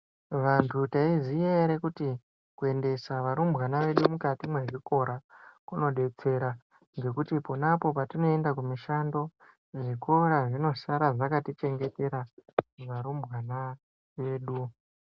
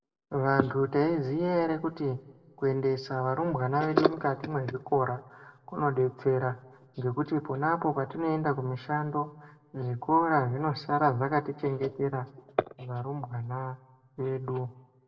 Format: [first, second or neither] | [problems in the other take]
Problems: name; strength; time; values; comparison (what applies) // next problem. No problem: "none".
first | room echo; dies away in 0.8 s